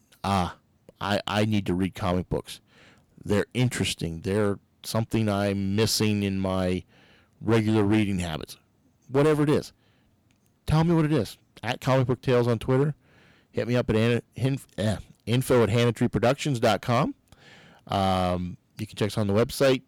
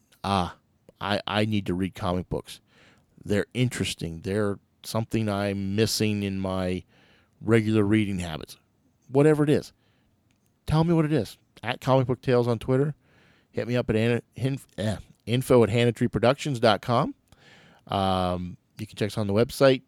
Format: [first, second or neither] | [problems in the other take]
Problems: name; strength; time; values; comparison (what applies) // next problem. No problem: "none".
second | distortion; slight; 5% of the sound clipped